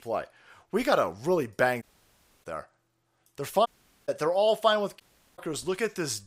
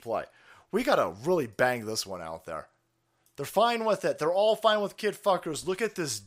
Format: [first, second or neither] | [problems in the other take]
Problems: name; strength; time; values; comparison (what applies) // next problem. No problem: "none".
second | audio cutting out; at 2 s for 0.5 s, at 3.5 s and at 5 s